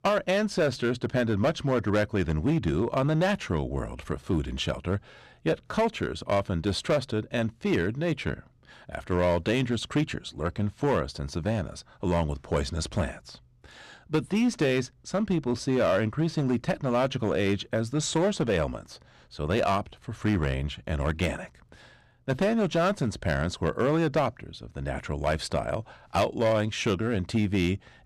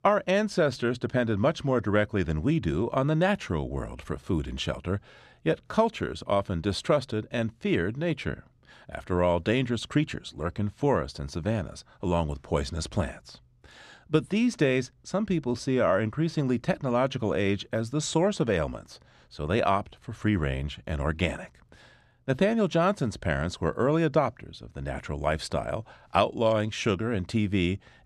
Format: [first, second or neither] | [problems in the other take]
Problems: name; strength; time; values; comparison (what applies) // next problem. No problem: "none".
second | distortion; slight; 6% of the sound clipped